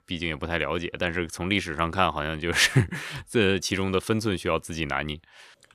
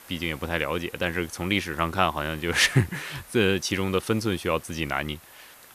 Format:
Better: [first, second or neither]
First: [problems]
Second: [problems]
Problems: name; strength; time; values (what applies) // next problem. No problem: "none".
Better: first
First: none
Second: hiss; faint; throughout; 20 dB below the speech